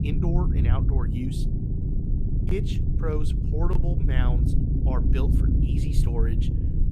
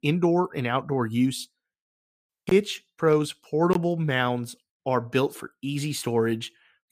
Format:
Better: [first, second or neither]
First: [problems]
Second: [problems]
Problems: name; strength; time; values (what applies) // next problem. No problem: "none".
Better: second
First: low rumble; loud; throughout; 1 dB below the speech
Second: none